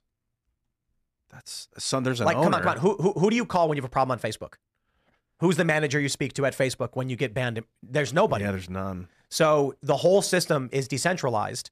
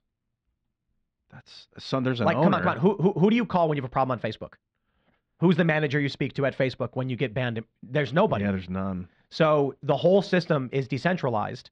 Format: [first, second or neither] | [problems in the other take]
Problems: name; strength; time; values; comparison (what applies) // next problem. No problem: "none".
first | muffled; slightly; fading above 3.5 kHz